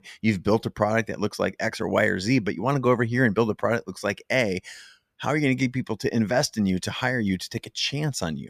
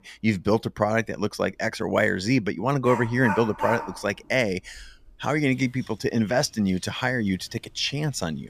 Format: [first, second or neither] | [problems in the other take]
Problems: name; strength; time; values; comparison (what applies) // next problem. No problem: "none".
first | animal sounds; loud; throughout; 8 dB below the speech